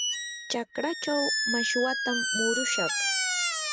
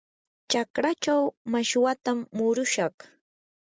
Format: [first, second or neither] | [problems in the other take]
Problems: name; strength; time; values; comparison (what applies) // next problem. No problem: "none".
second | background sound (Squeak); 3 dB above the speech